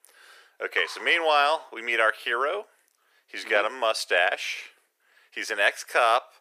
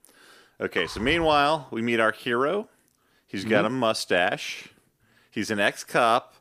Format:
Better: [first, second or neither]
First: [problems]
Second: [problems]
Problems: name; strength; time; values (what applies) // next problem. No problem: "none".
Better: second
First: thin; very; fading below 450 Hz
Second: none